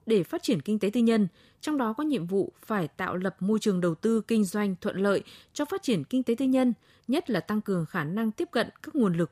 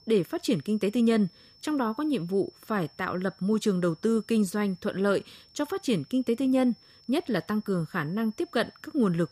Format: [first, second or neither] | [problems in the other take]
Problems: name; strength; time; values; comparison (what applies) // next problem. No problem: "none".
first | high-pitched whine; faint; throughout; 5.5 kHz, 25 dB below the speech